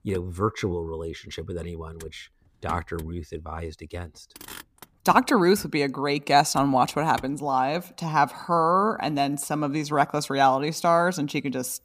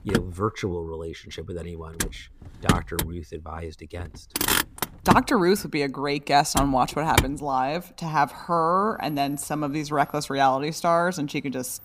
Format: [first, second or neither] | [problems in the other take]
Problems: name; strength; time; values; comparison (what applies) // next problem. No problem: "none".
first | traffic noise; loud; throughout; 2 dB below the speech; faint in the first